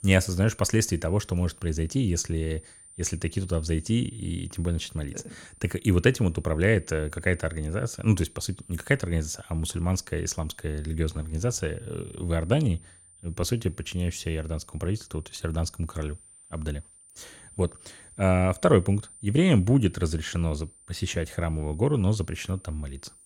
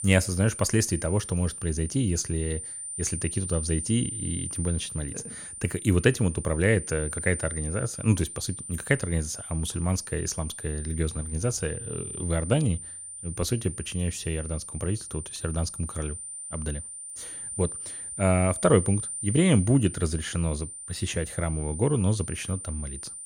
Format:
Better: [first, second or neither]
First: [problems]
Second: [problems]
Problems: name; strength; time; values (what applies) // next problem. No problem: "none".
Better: first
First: high-pitched whine; faint; throughout; 9 kHz, 20 dB below the speech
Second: high-pitched whine; loud; throughout; 9 kHz, 7 dB below the speech